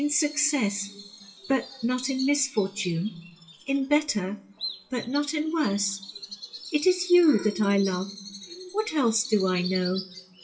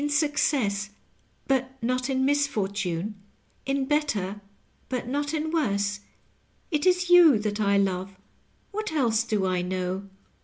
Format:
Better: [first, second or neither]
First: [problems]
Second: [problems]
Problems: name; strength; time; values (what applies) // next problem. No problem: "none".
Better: second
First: noise reduction (classical method WPE with log-MMSE)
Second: none